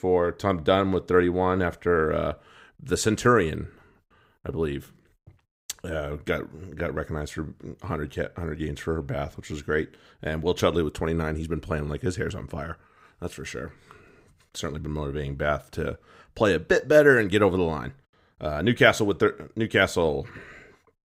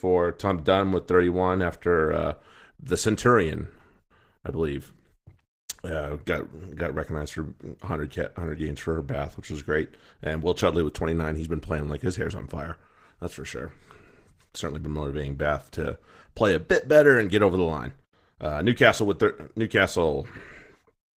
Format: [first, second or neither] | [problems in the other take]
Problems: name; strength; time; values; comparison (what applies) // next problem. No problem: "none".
first | garbled, watery; slightly; nothing above 15.5 kHz